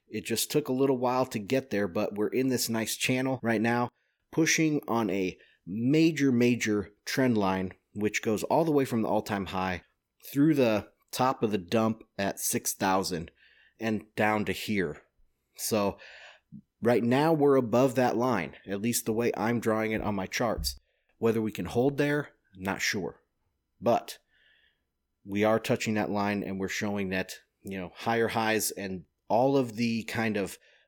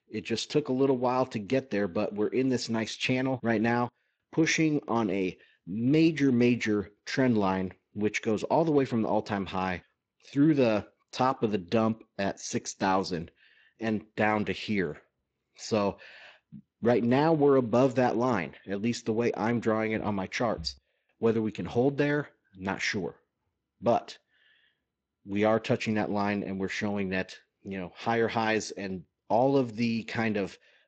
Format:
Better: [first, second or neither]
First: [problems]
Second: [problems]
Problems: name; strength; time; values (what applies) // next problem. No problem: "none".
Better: first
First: none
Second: garbled, watery; slightly